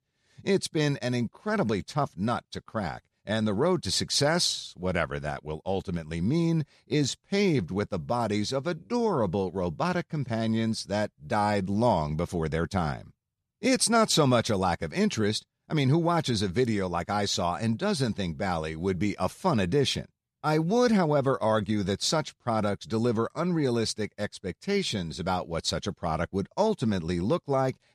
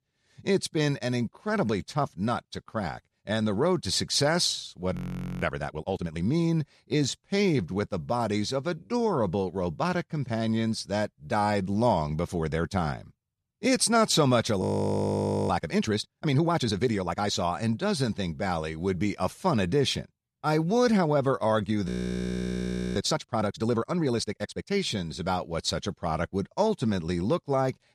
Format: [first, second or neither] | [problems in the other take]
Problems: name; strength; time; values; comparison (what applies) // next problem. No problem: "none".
first | audio freezing; at 5 s, at 15 s for 1 s and at 22 s for 1 s